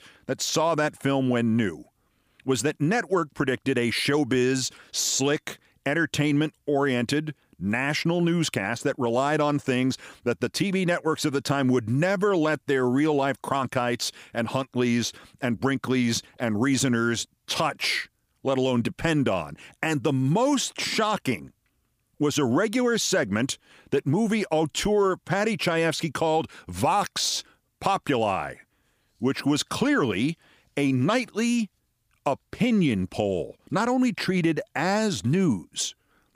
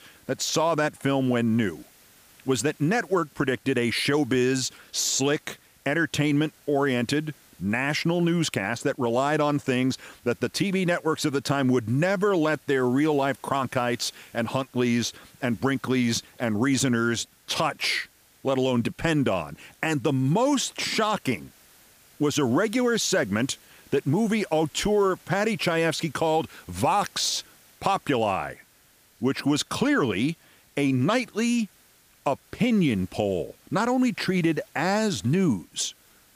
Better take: first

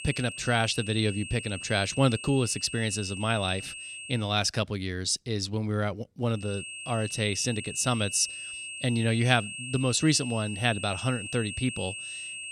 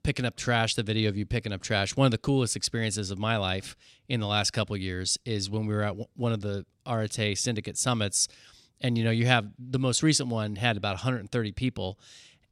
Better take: second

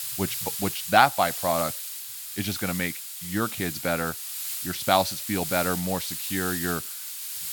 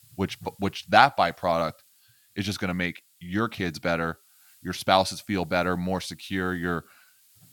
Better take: second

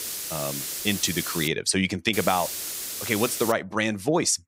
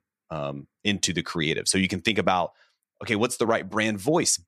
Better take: second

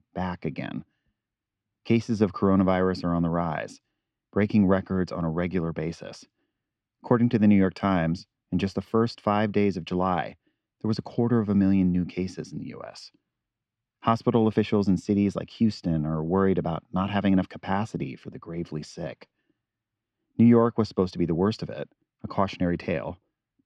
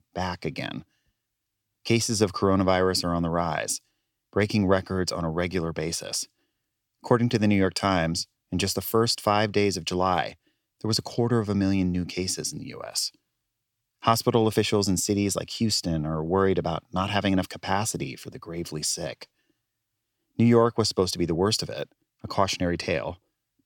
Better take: second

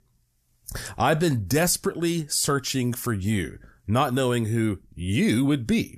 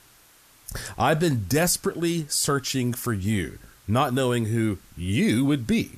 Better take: first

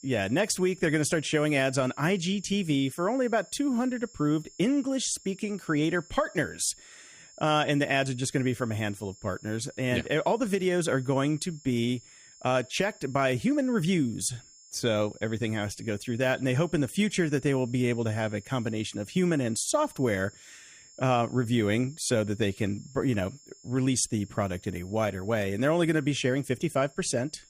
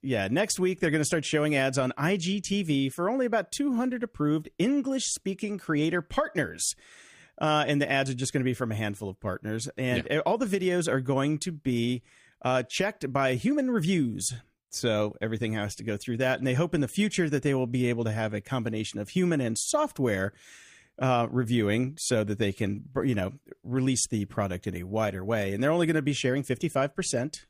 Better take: second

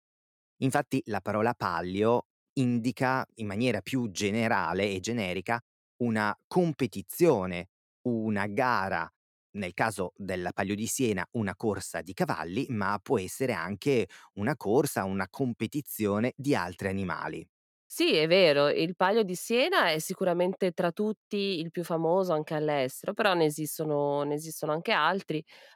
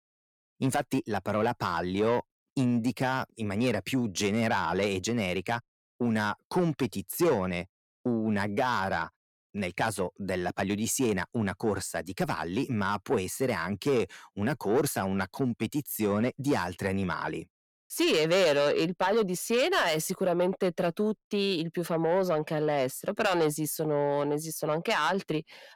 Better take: first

